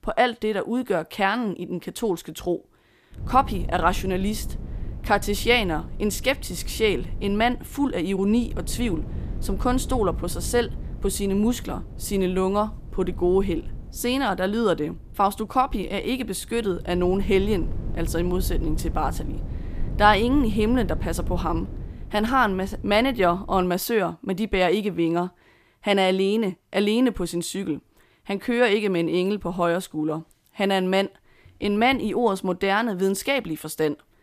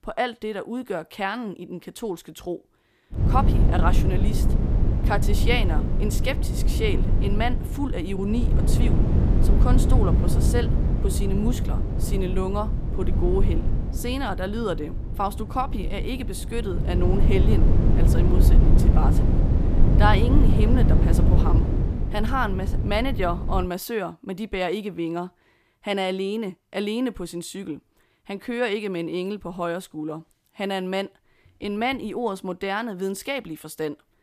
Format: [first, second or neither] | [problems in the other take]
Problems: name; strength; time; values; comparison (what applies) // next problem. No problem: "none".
first | low rumble; loud; from 3 to 24 s; 5 dB below the speech; faint in the first